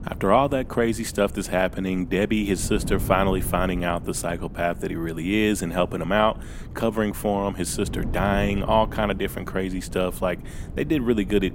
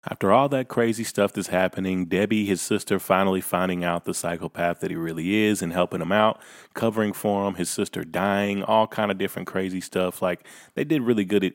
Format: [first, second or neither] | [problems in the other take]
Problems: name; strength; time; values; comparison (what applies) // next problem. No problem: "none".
second | wind noise on the microphone; occasional gusts; 20 dB below the speech